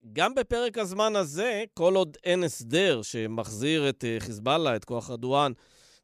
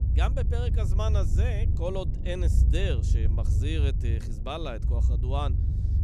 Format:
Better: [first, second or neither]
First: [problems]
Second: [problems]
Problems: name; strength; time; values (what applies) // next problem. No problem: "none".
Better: first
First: none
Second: low rumble; loud; throughout; 7 dB below the speech